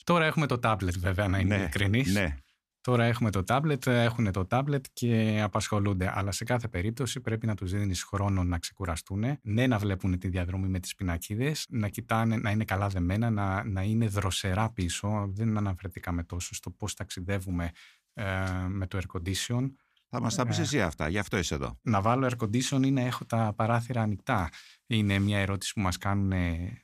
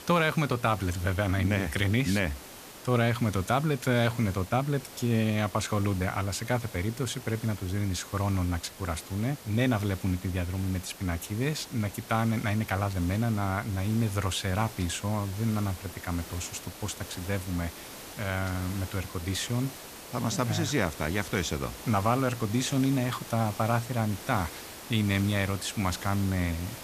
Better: first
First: none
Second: hiss; noticeable; throughout; 15 dB below the speech

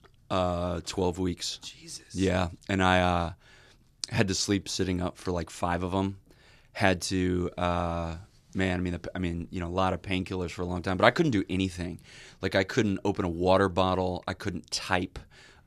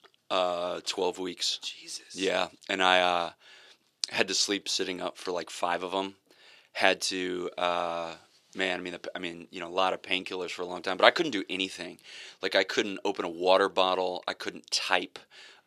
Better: first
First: none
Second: thin; somewhat; fading below 450 Hz

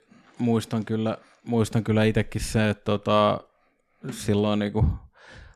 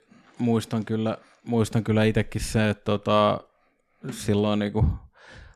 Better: neither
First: none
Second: none

